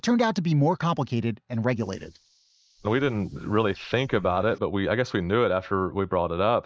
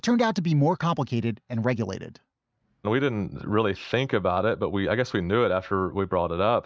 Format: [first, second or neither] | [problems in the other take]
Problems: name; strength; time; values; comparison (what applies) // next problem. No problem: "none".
second | noise reduction (neural mask model Resemble Enhance denoiser)